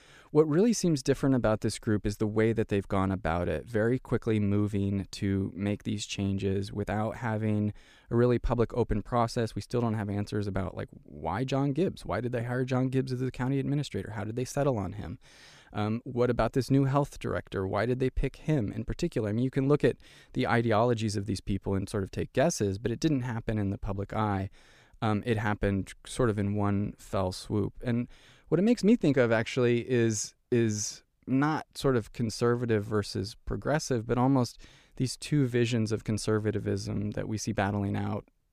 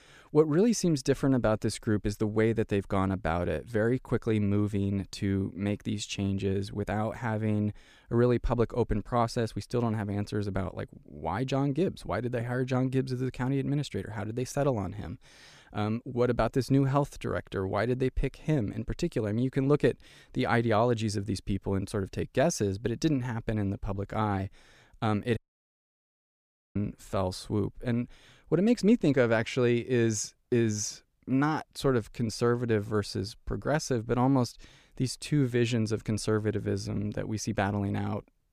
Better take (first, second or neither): first